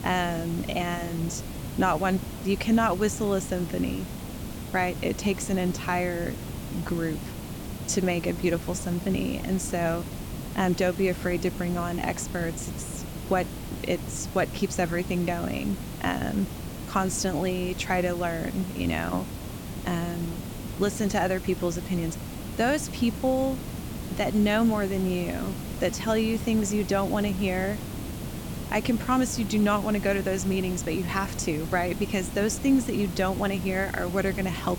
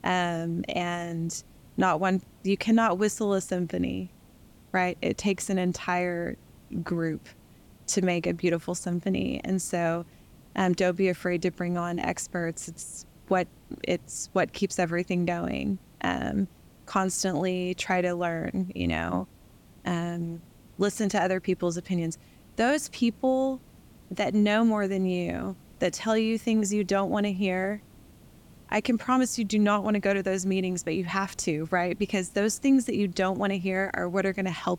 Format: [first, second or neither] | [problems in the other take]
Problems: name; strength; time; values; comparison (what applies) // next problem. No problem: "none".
second | hiss; loud; throughout; 8 dB below the speech; faint in the second